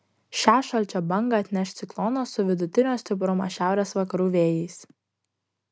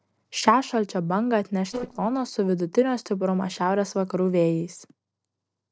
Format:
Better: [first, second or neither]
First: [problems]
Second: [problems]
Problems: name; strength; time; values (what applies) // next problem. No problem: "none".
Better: first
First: none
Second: noise reduction (neural separator model SepFormer DNS4)